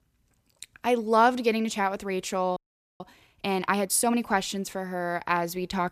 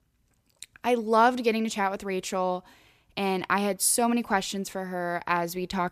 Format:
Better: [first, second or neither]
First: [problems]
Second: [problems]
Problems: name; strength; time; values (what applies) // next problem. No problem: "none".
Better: second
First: audio freezing; at 2.5 s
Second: none